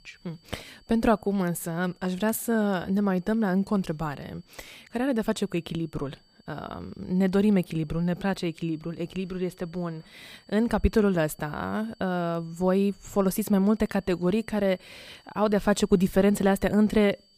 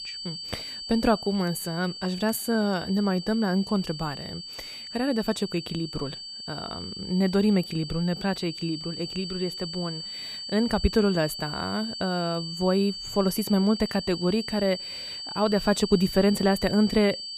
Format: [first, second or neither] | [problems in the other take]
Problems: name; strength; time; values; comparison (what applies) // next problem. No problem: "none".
first | high-pitched whine; loud; throughout; 4.5 kHz, 8 dB below the speech; faint in the first